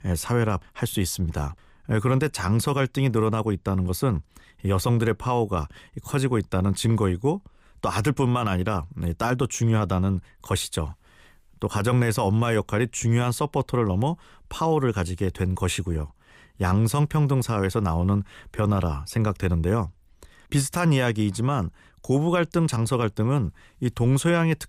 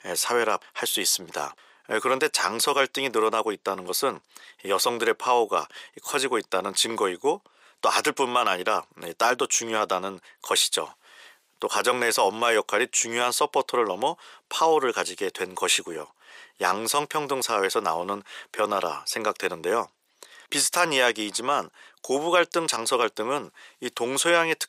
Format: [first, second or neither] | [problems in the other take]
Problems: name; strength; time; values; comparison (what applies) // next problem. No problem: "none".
first | thin; very; fading below 450 Hz